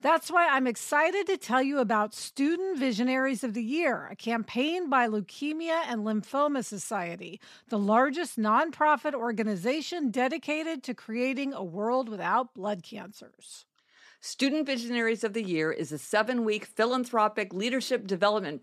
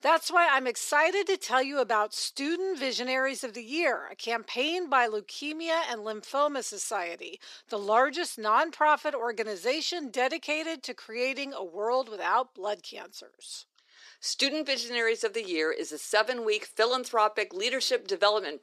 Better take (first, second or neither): first